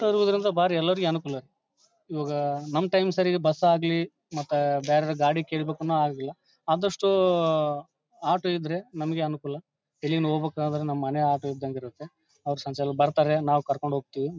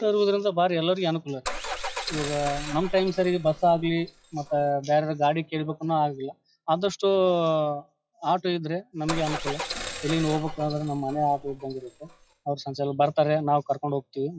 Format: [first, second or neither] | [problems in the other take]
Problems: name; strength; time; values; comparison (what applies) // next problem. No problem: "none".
first | noise reduction (classical method log-MMSE)